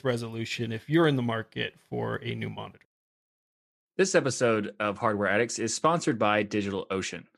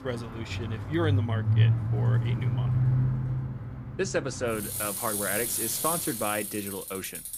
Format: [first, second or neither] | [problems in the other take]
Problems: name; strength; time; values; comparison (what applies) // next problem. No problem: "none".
first | traffic noise; very loud; throughout; 5 dB above the speech